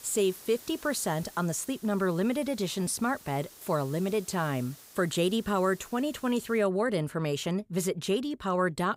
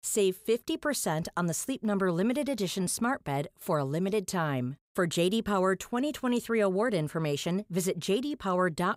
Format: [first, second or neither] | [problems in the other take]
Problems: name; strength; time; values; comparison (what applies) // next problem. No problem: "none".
second | hiss; noticeable; until 6.5 s; 20 dB below the speech